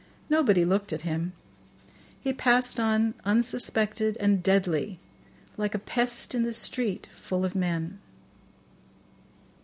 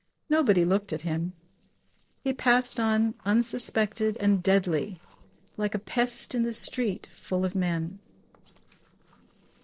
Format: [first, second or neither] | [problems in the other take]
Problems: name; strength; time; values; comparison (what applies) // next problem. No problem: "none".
first | noise reduction (neural separator model SepFormer DNS4)